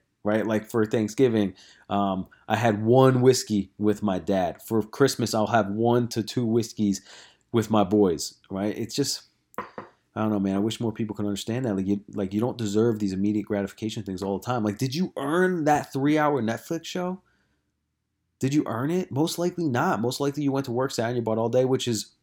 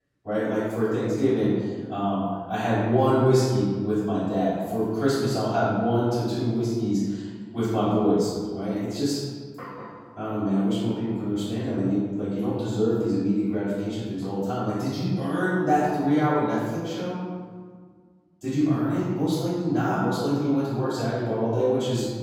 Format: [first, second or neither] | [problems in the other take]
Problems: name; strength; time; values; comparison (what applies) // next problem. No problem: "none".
first | off-mic speech; far // room echo; strong; dies away in 1.6 s